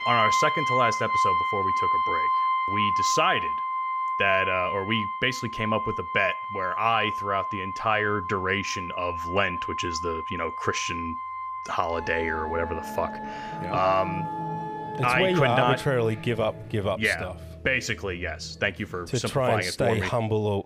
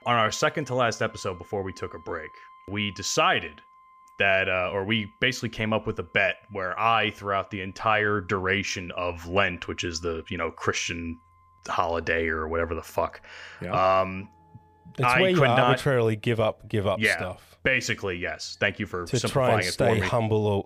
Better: second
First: background music; loud; throughout; 2 dB below the speech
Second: background music; faint; throughout; 30 dB below the speech

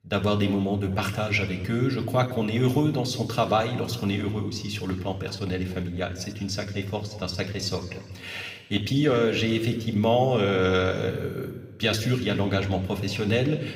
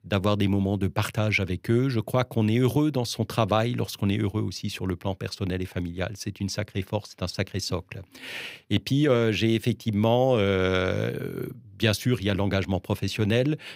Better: second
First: room echo; slight; dies away in 1.3 s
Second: none

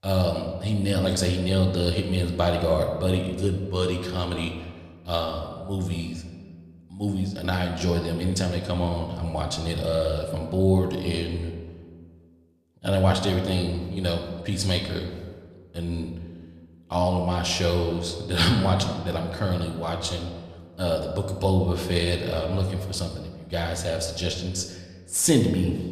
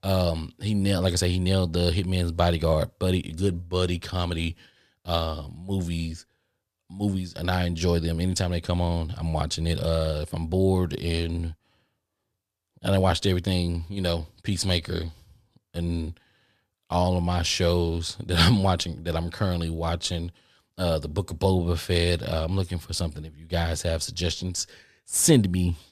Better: second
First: room echo; slight; dies away in 1.3 s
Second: none

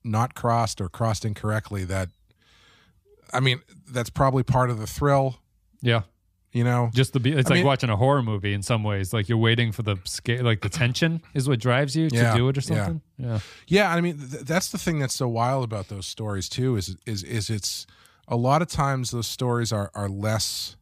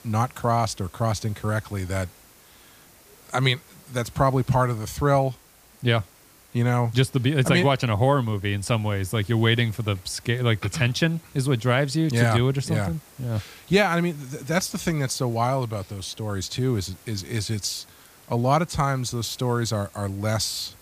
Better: first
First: none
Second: hiss; faint; throughout; 25 dB below the speech

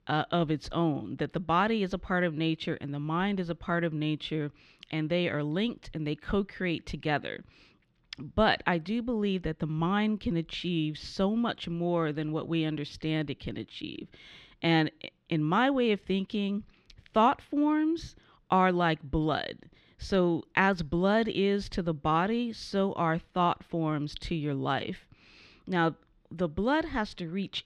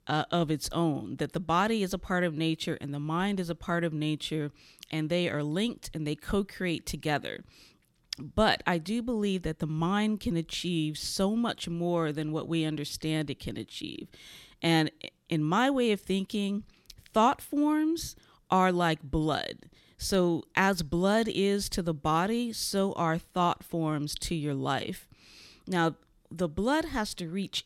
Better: second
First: muffled; slightly; fading above 3 kHz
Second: none

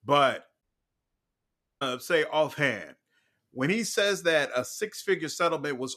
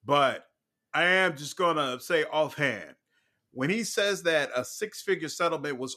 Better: second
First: audio cutting out; at 0.5 s for 1 s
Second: none

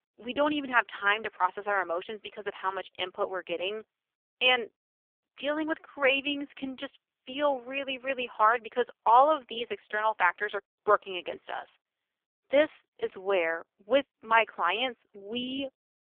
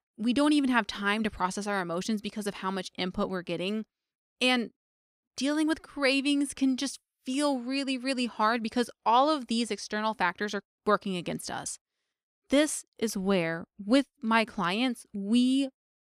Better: second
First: phone-call audio; poor line; nothing above 3 kHz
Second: none

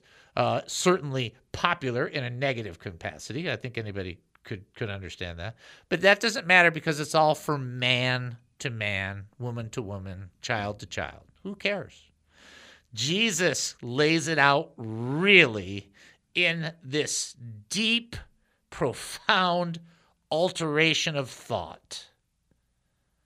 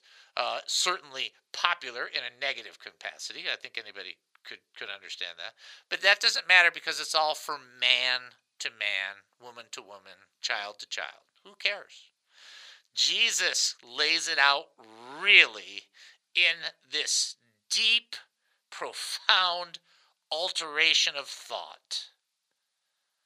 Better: first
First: none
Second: thin; very; fading below 850 Hz

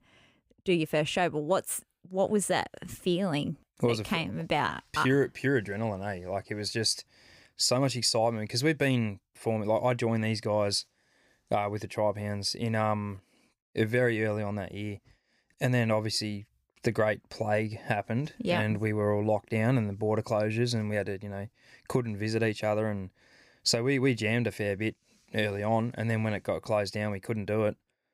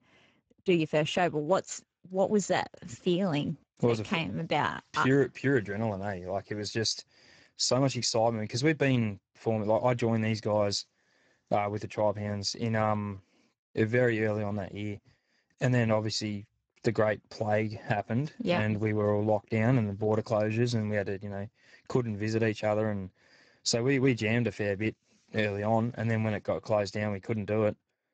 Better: first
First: none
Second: garbled, watery; badly; nothing above 7.5 kHz

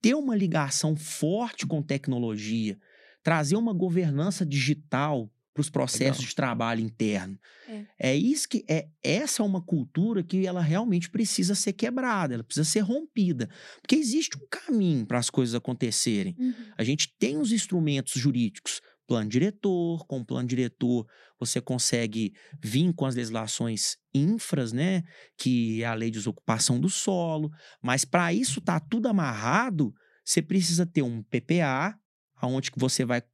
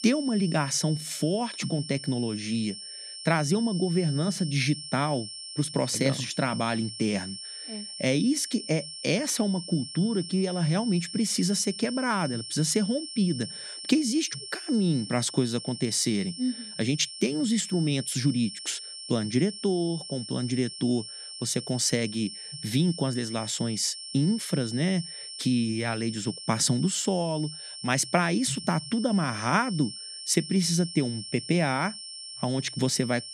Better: first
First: none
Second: high-pitched whine; loud; throughout; 5.5 kHz, 10 dB below the speech

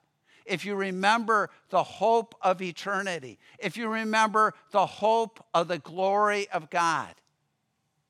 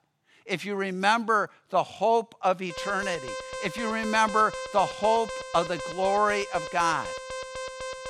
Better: first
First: none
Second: alarm; noticeable; from 2.5 s on; peak 9 dB below the speech

